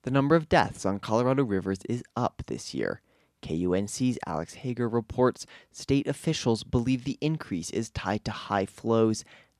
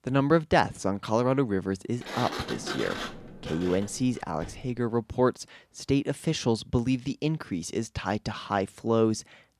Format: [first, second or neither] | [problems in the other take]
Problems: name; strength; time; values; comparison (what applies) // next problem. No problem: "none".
first | door banging; noticeable; from 2 to 5 s; peak 5 dB below the speech